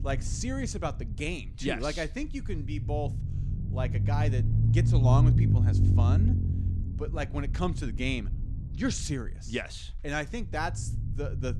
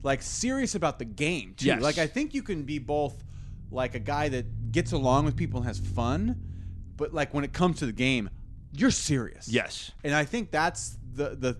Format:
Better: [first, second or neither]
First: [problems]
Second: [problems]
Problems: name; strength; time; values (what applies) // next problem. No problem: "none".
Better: second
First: low rumble; loud; throughout; 6 dB below the speech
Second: low rumble; faint; throughout; 25 dB below the speech